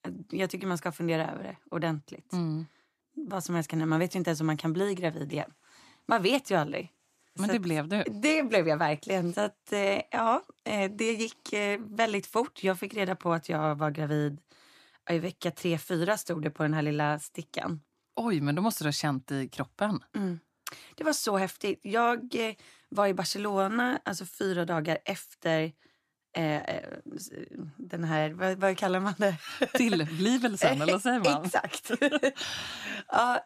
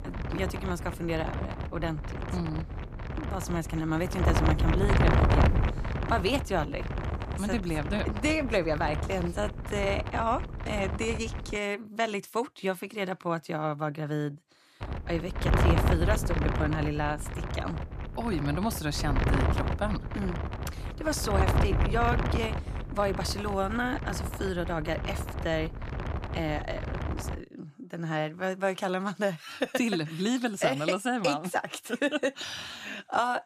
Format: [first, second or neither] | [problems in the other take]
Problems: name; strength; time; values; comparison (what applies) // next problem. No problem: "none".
first | wind noise on the microphone; heavy; until 12 s and from 15 to 27 s; 5 dB below the speech